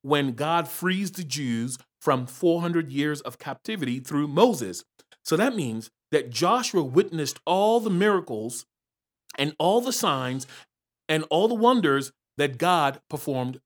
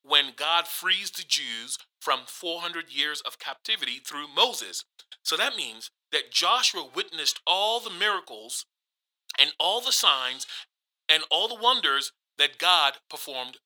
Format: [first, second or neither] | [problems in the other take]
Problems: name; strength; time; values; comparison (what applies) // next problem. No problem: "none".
first | thin; very; fading below 900 Hz